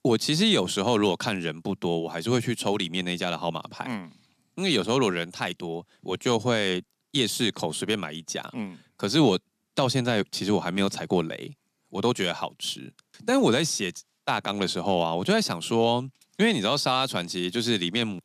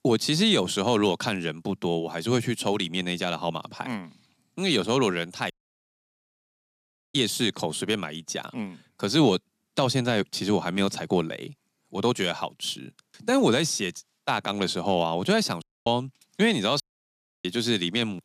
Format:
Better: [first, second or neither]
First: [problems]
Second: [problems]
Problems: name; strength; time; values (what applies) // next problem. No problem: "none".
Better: first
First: none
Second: audio cutting out; at 5.5 s for 1.5 s, at 16 s and at 17 s for 0.5 s